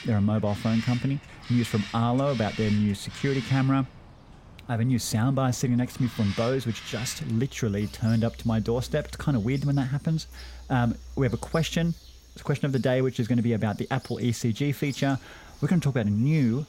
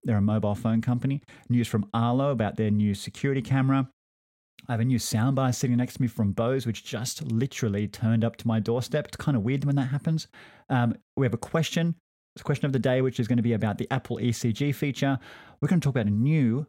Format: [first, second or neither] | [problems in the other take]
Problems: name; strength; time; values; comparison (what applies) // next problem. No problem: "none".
second | animal sounds; noticeable; throughout; 15 dB below the speech